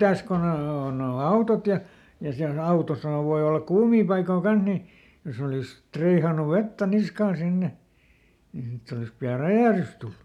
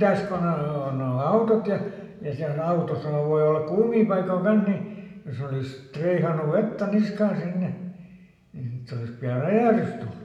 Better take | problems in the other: first | room echo; dies away in 1 s

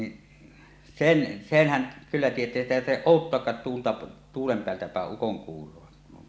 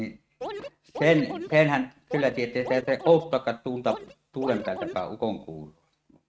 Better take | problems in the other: first | noise reduction (neural mask model RNNoise)

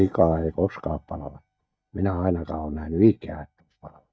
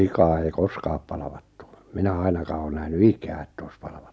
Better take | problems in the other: second | noise reduction (neural mask model DeepFilterNet 3)

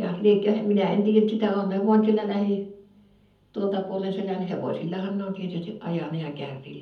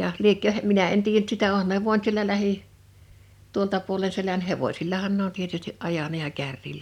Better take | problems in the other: second | room echo; dies away in 0.7 s

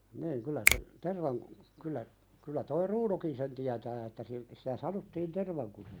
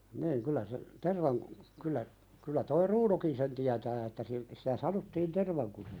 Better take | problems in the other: second | background sound (Finger snapping); 3 dB above the speech

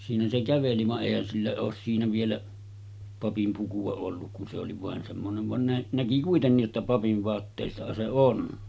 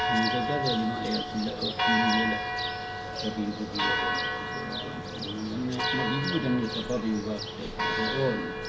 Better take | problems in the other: first | background sound (Church bell); 1 dB above the speech // room echo; dies away in 0.4 s

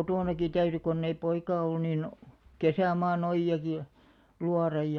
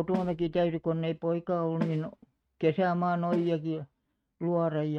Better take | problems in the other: first | noise reduction (neural mask model RNNoise)

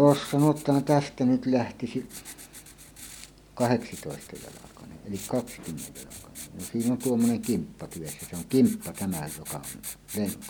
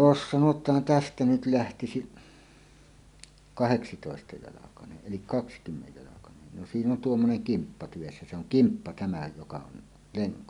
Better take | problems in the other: second | background sound (Writing); 16 dB below the speech

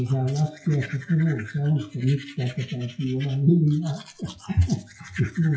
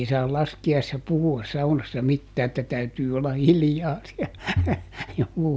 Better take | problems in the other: second | noise reduction (classical method WPE with log-MMSE)

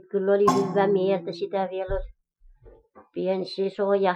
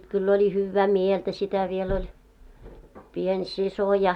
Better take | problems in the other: second | noise reduction (classical method Wiener filter)

